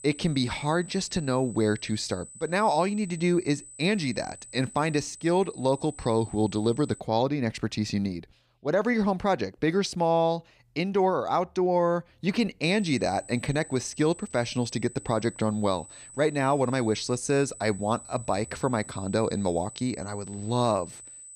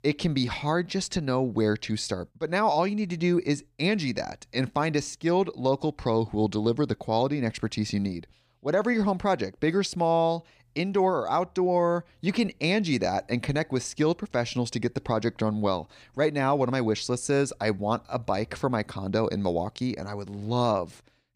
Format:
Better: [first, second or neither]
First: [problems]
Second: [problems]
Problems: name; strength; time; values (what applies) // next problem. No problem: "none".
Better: second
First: high-pitched whine; noticeable; until 7 s and from 13 s on; 8 kHz, 15 dB below the speech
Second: none